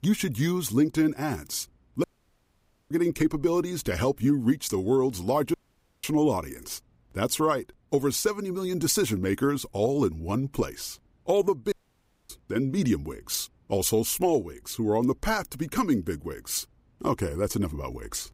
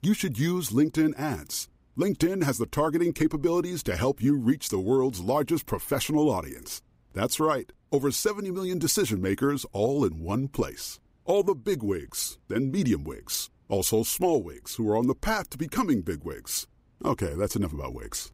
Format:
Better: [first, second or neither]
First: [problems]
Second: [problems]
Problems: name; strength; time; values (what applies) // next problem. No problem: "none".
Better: second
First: audio cutting out; at 2 s for 1 s, at 5.5 s and at 12 s for 0.5 s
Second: none